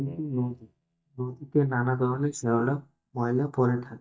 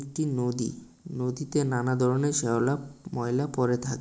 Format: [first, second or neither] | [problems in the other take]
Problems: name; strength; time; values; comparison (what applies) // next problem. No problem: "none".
second | noise reduction (neural mask model DeepFilterNet 3)